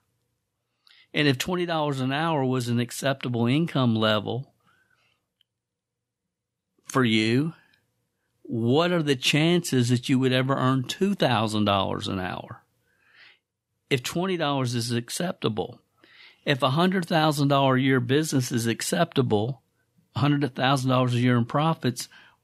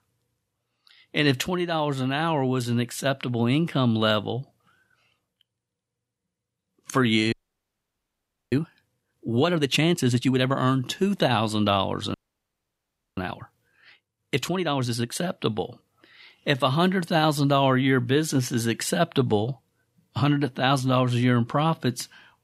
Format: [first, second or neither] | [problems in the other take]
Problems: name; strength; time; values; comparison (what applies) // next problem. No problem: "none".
first | audio freezing; at 7.5 s for 1 s and at 12 s for 1 s